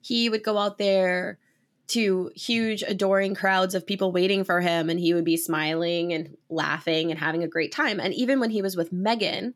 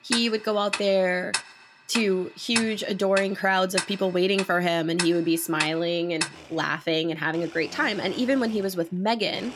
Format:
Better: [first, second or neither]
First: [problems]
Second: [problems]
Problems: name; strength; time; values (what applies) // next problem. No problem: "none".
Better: first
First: none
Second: household noises; loud; throughout; 7 dB below the speech